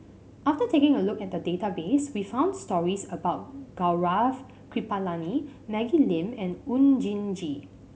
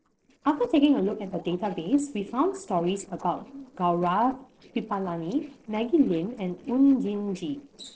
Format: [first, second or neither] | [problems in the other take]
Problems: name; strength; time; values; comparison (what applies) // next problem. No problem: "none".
first | noise reduction (neural separator model SepFormer DNS4)